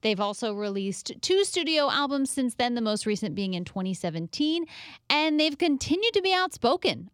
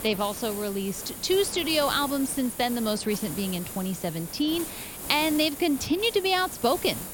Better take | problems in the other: first | hiss; loud; throughout; 9 dB below the speech

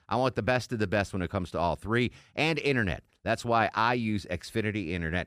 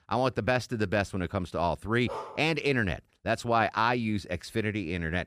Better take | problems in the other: first | dog barking; faint; at 2 s; peak 10 dB below the speech

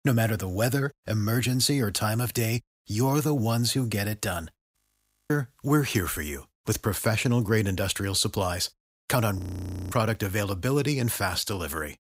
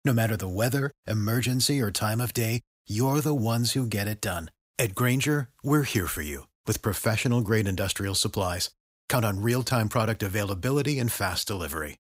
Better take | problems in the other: second | audio freezing; at 5 s for 0.5 s and at 9.5 s for 0.5 s

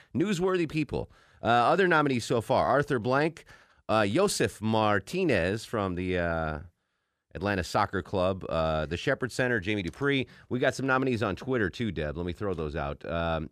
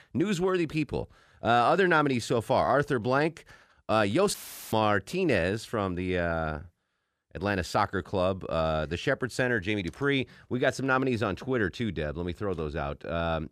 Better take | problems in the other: first | audio cutting out; filled with static; at 4.5 s

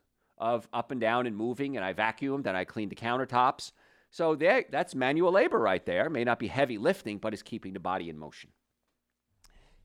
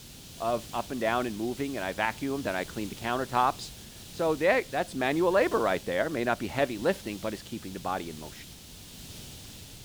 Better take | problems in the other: first | hiss; noticeable; throughout; 15 dB below the speech

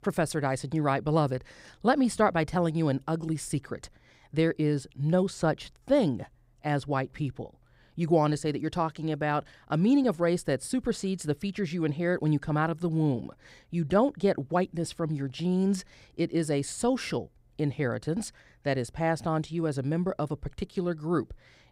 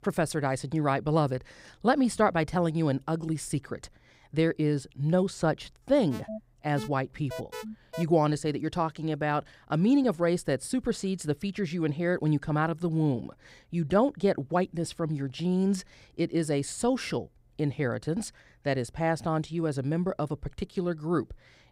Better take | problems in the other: first | alarm; faint; from 6 to 8 s; peak 10 dB below the speech

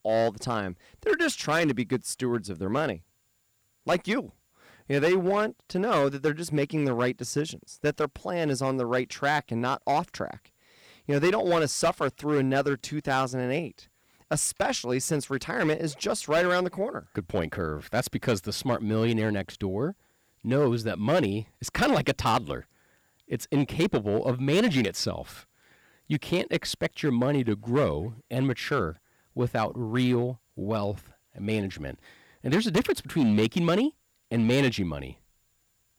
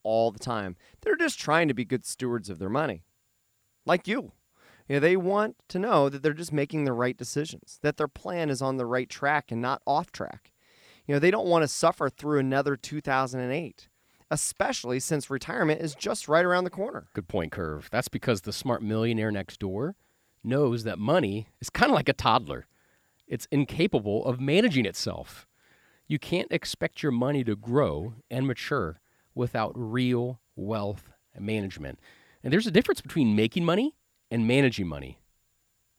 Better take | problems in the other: second | distortion; slight; 4% of the sound clipped

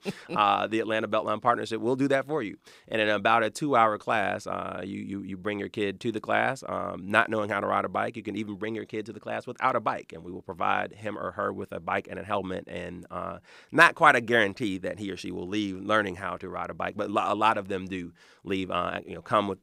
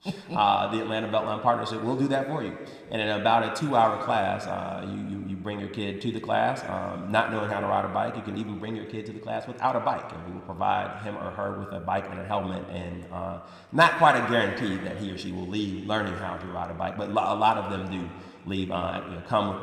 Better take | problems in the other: first | room echo; slight; dies away in 2.2 s

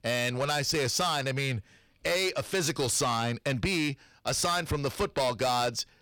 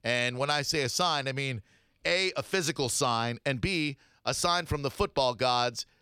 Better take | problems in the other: second | distortion; heavy; 8 dB below the speech

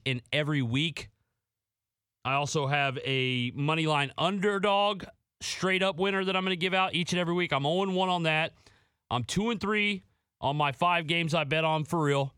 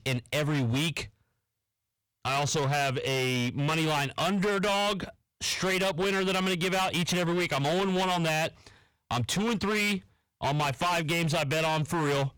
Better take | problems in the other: first | distortion; heavy; 26% of the sound clipped

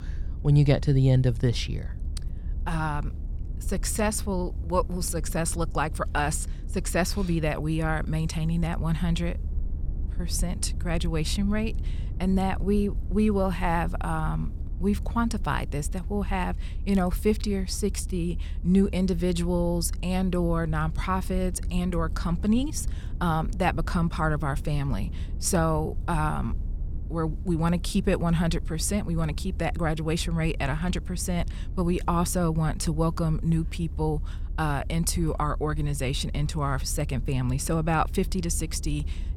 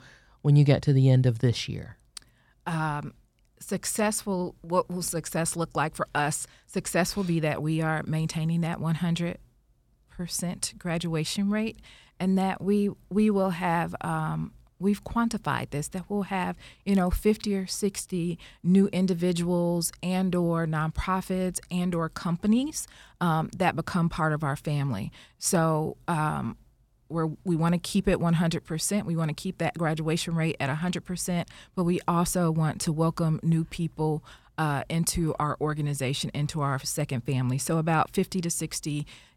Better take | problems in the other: second | low rumble; faint; throughout; 20 dB below the speech

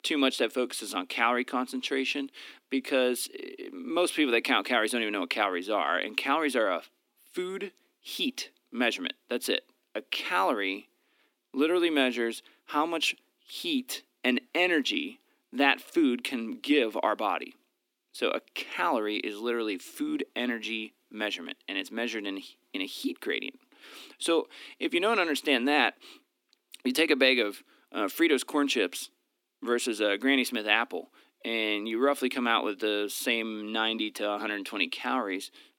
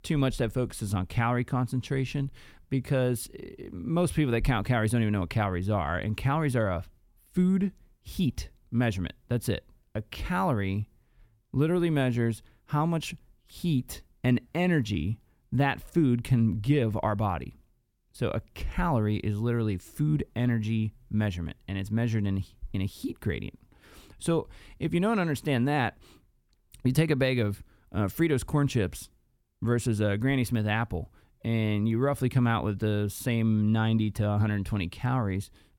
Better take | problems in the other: second | thin; somewhat; fading below 250 Hz

